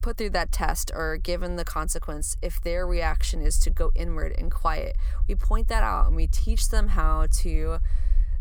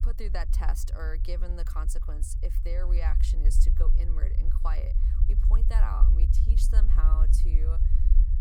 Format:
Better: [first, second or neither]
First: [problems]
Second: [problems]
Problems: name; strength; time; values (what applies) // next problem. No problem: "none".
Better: first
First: low rumble; faint; throughout; 25 dB below the speech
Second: low rumble; loud; throughout; 7 dB below the speech